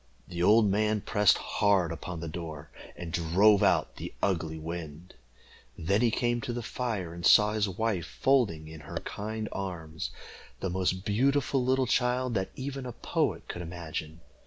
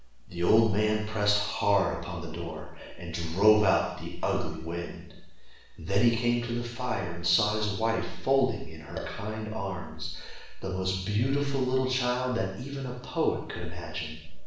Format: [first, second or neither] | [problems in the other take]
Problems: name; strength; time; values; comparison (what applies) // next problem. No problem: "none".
first | room echo; dies away in 0.7 s